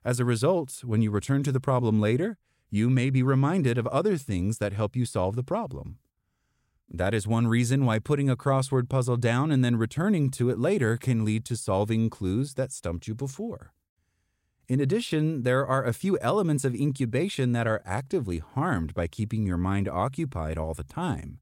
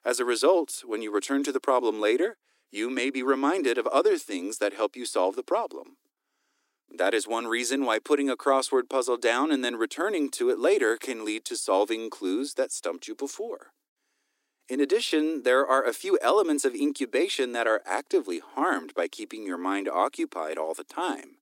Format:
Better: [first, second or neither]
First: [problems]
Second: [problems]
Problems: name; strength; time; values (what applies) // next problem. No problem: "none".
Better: first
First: none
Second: thin; somewhat; fading below 300 Hz